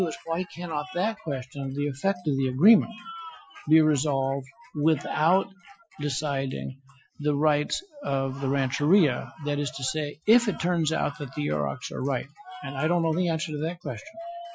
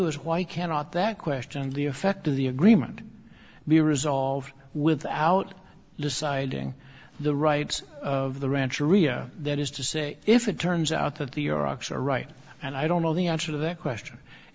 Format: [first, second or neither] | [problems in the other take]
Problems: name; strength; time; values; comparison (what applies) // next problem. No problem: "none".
second | noise reduction (classical method Wiener filter)